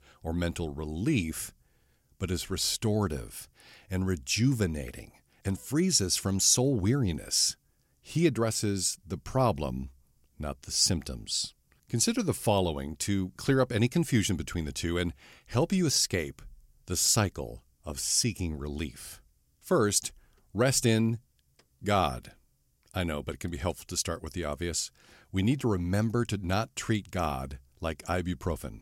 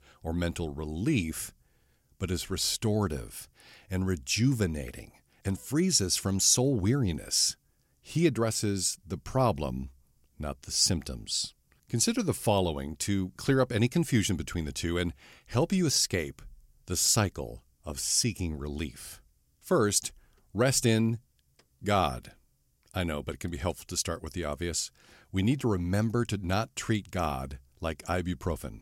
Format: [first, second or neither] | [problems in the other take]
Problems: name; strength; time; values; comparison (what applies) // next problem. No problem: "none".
neither | none